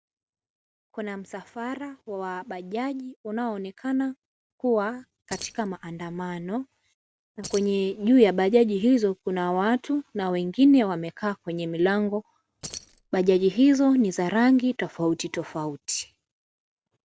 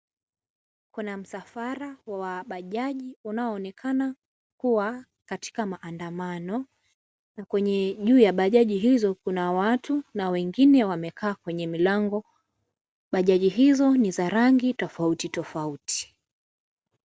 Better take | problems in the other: second | background sound (Keys jangling); 19 dB below the speech

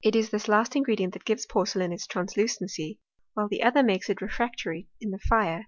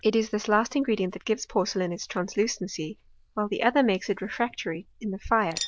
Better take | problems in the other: first | noise reduction (neural diffusion model UNIVERSE++)

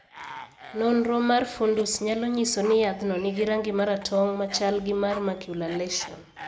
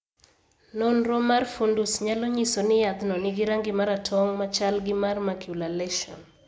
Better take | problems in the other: second | background sound (Cough); 19 dB below the speech

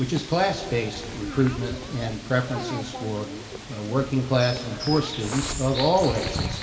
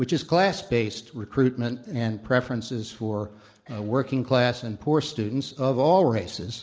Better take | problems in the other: second | background sound (Bird vocalization, bird call, bird song); 8 dB below the speech // room echo; dies away in 2.4 s

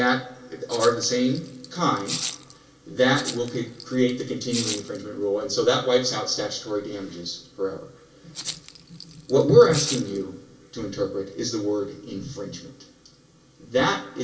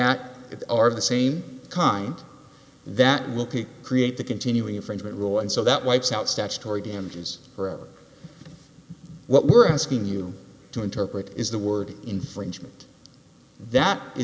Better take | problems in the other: second | background sound (Rattle (instrument)); 11 dB below the speech // room echo; dies away in 0.3 s

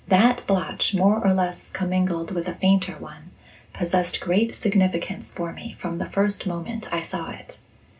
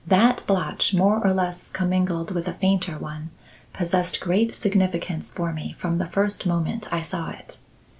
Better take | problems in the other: second | room echo; dies away in 0.2 s

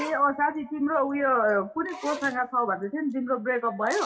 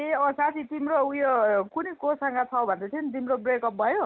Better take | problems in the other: second | noise reduction (classical method WPE with log-MMSE)

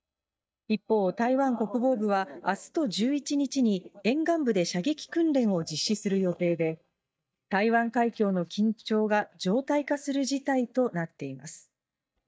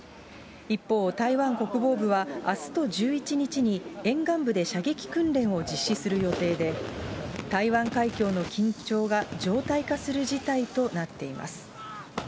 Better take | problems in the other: second | noise reduction (neural mask model DeepFilterNet 3)

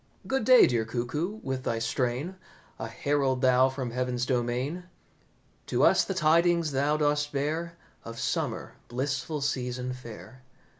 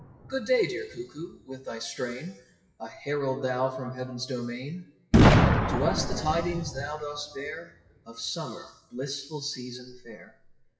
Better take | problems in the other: first | noise reduction (classical method WPE with log-MMSE)

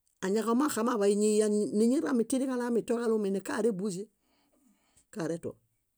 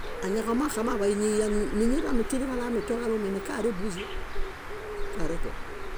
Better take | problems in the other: first | background sound (Bird); 2 dB below the speech

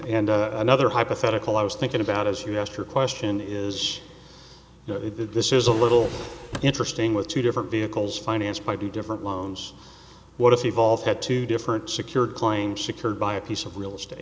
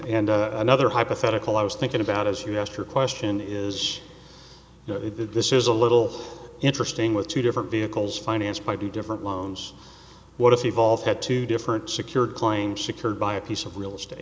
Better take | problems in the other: second | background sound (Drawer open or close); 11 dB below the speech

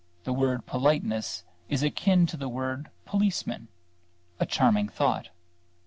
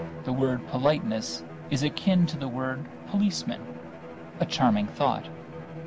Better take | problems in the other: first | background sound (Bowed string instrument); 12 dB below the speech

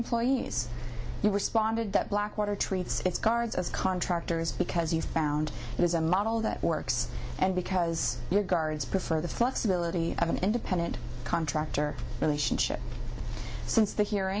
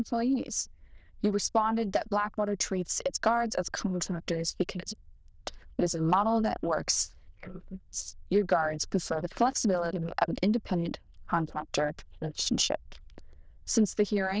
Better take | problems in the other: first | noise reduction (neural diffusion model UNIVERSE++)

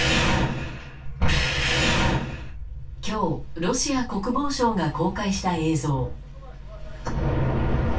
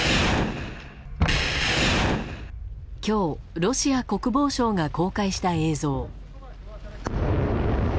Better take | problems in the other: second | room echo; dies away in 0.2 s

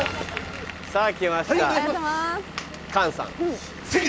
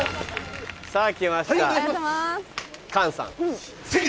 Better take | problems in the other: second | background sound (Engine / Vehicle); 14 dB below the speech

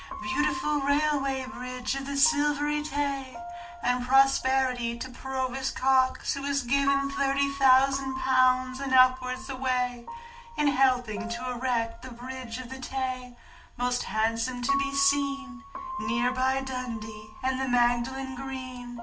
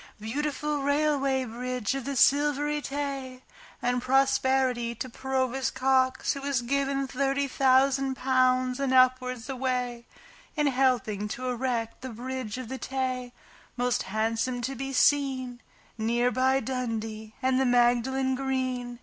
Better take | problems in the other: second | background sound (Piano); 11 dB below the speech // room echo; dies away in 0.2 s

